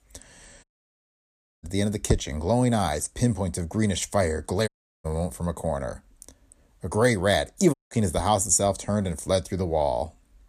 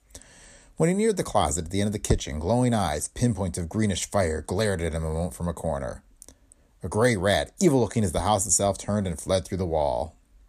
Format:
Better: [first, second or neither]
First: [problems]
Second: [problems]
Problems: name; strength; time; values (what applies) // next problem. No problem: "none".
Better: second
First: audio cutting out; at 0.5 s for 1 s, at 4.5 s and at 7.5 s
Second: none